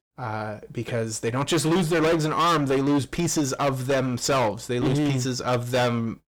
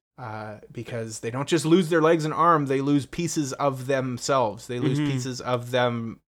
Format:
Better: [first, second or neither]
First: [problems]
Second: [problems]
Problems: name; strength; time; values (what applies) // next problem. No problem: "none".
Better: second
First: distortion; heavy; 19% of the sound clipped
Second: none